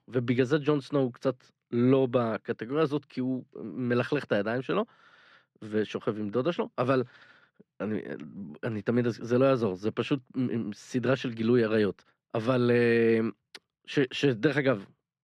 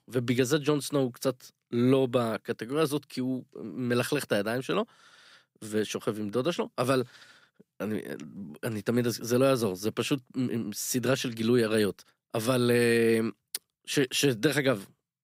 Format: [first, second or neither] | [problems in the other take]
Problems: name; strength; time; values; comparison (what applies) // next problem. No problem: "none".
second | muffled; slightly; fading above 2.5 kHz